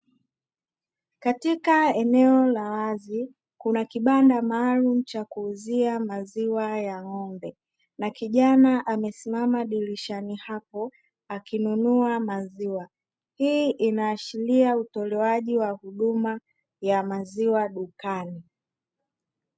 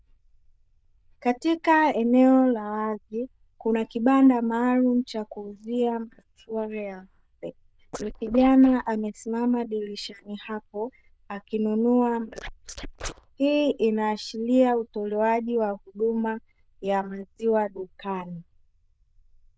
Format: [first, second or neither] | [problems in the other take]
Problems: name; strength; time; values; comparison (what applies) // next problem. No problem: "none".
first | noise reduction (neural diffusion model UNIVERSE++)